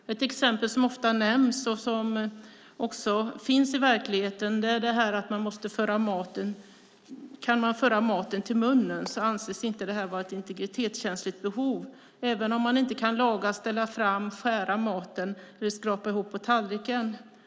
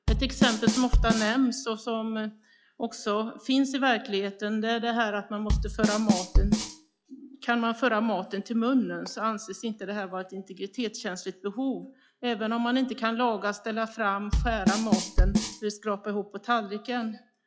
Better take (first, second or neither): first